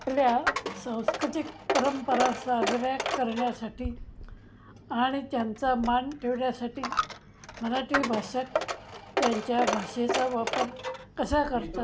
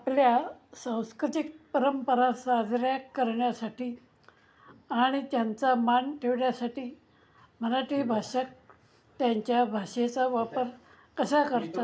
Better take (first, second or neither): second